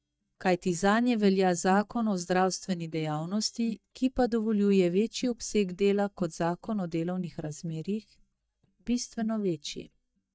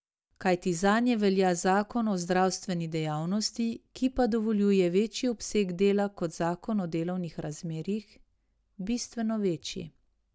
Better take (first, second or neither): second